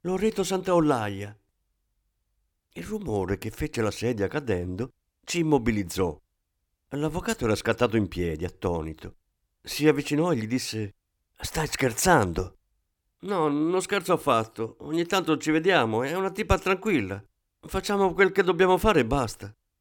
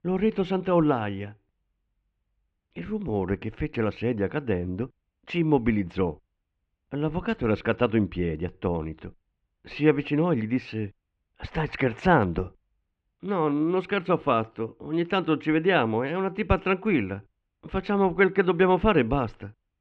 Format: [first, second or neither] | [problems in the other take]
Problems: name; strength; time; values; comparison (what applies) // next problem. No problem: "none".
first | muffled; very; fading above 3 kHz